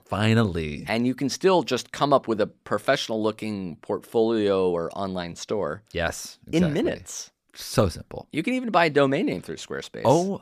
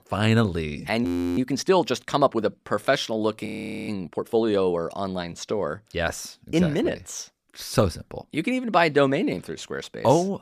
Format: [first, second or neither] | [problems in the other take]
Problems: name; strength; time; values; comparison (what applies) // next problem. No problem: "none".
first | audio freezing; at 1 s and at 3.5 s